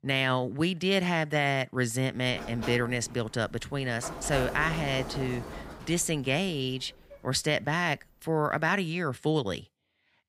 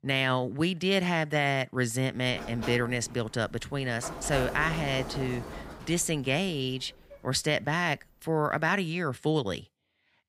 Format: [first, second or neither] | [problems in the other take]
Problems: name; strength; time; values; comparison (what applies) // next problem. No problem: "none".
neither | door banging; noticeable; from 2.5 to 7 s; peak 6 dB below the speech; the same in both